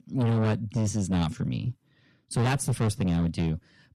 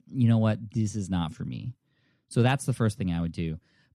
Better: second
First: distortion; heavy; 6 dB below the speech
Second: none

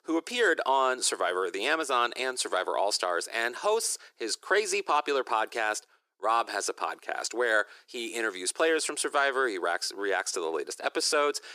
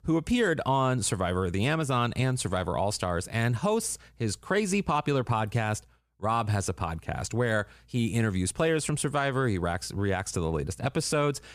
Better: second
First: thin; very; fading below 350 Hz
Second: none

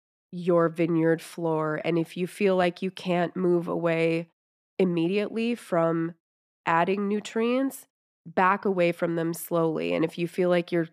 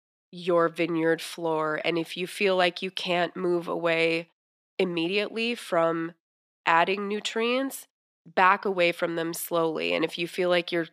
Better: first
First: none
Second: thin; very slightly; fading below 500 Hz

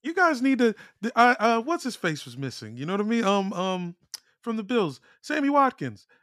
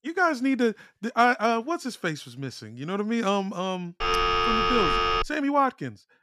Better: first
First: none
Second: phone ringing; loud; from 4 to 5.5 s; peak 4 dB above the speech

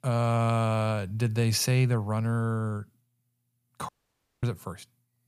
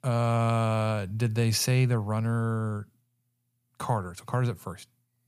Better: second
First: audio cutting out; at 4 s for 0.5 s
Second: none

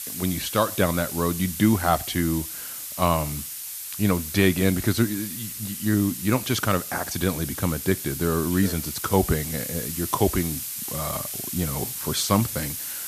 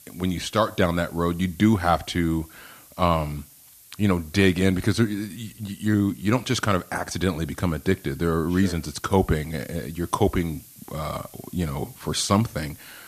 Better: second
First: hiss; loud; throughout; 6 dB below the speech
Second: hiss; faint; throughout; 20 dB below the speech

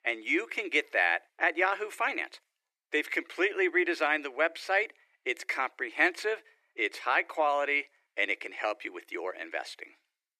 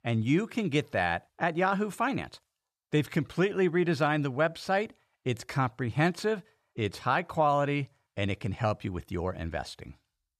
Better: second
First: thin; very; fading below 300 Hz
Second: none

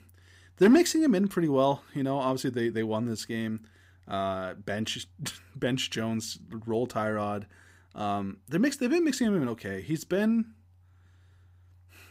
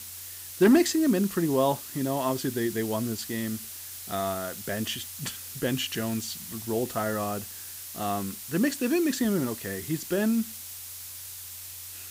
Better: first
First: none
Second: hiss; loud; throughout; 9 dB below the speech

